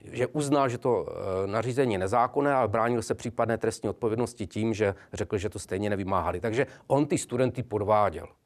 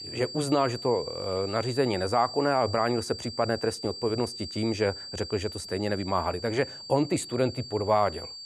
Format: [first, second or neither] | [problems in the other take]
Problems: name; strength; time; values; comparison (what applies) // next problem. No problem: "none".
first | high-pitched whine; loud; throughout; 4.5 kHz, 10 dB below the speech